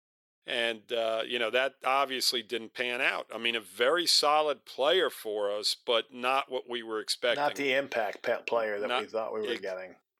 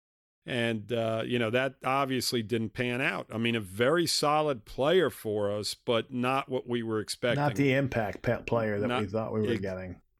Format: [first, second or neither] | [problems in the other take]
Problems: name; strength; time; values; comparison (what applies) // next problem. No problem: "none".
second | thin; somewhat; fading below 550 Hz